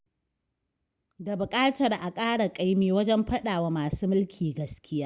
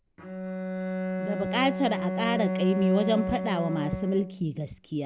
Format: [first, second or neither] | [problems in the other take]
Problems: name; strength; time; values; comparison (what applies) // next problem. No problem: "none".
first | background sound (Bowed string instrument); 3 dB below the speech